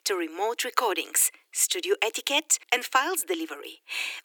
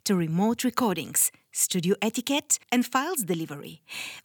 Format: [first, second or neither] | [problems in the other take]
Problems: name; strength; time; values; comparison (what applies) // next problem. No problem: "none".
second | thin; very; fading below 300 Hz